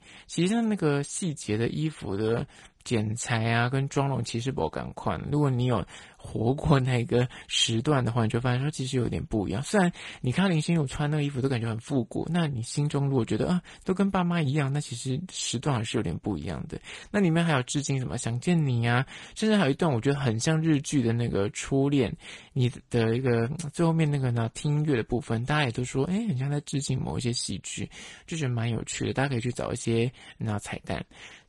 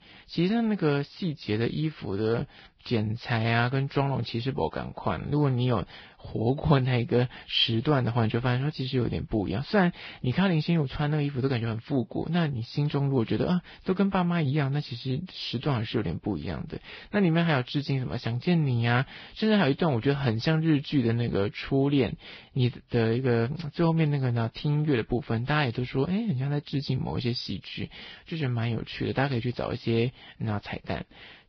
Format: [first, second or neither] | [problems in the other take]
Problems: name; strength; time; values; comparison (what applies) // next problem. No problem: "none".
first | garbled, watery; badly; nothing above 5 kHz; slightly in the first